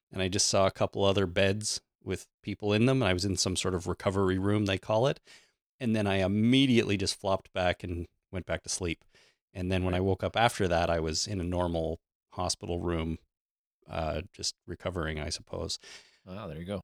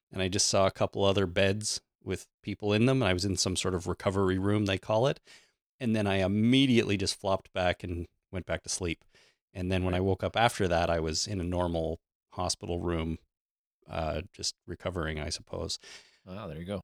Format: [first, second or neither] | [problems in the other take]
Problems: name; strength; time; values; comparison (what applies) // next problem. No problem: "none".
neither | none